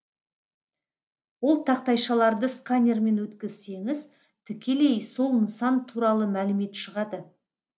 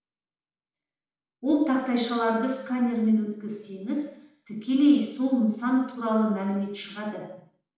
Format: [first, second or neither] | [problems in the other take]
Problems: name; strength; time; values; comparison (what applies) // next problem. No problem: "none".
first | room echo; dies away in 0.7 s